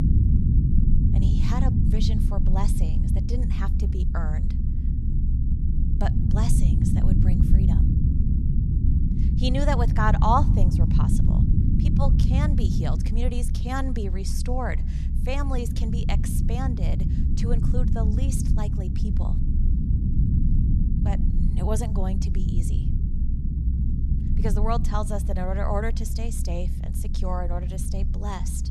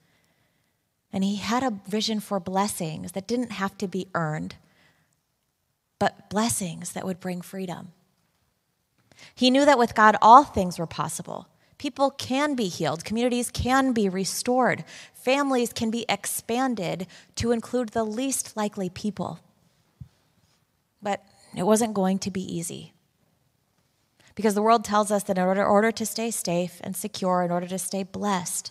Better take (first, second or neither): second